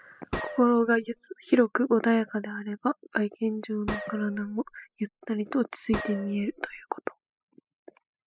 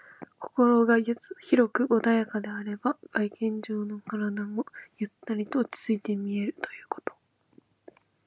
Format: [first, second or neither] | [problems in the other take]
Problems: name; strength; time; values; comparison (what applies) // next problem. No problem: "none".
second | noise reduction (classical method spectral subtraction)